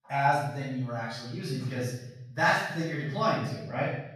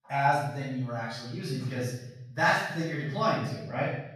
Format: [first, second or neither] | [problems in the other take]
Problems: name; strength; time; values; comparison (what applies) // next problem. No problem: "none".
neither | off-mic speech; far; the same in both // room echo; strong; dies away in 0.9 s; the same in both